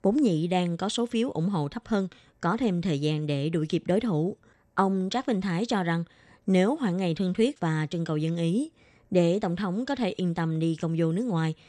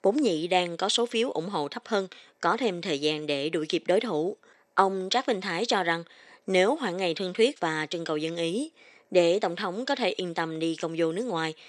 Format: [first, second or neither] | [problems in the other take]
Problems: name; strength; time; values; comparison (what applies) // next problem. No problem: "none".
first | thin; somewhat; fading below 450 Hz